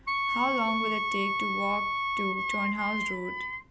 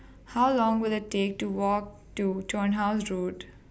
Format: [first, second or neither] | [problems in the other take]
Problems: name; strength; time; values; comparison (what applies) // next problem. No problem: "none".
second | background sound (Wind instrument, woodwind instrument); 3 dB above the speech